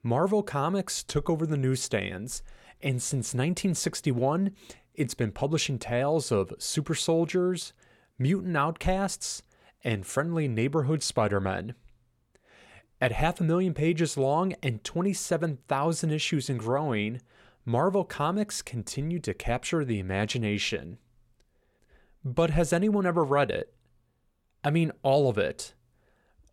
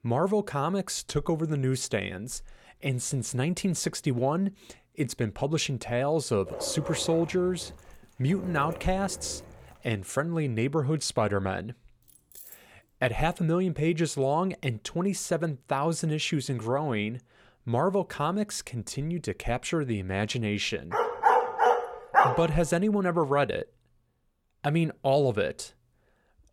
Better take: first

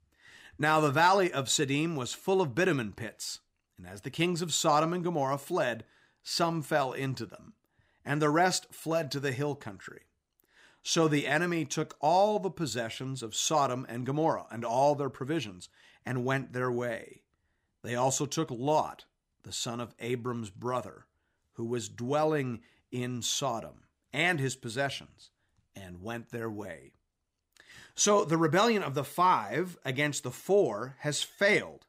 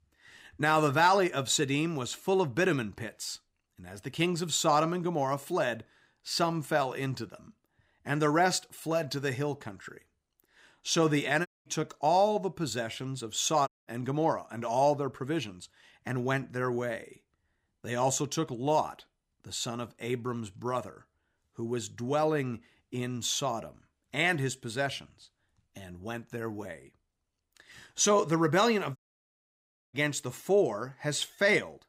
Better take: first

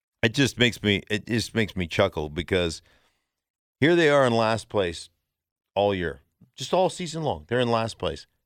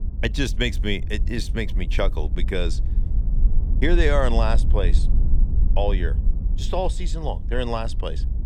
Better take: first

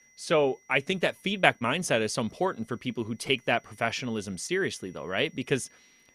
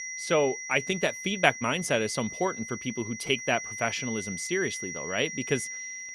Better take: first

